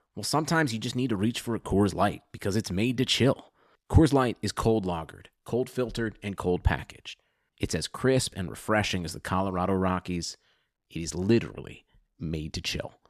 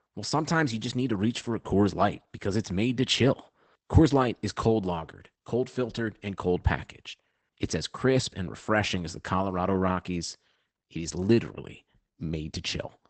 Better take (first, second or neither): first